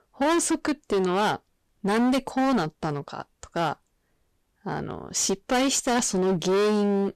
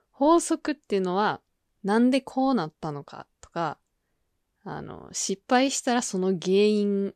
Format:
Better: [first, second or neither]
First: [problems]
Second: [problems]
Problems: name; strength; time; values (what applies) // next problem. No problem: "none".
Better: second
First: distortion; heavy; 18% of the sound clipped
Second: none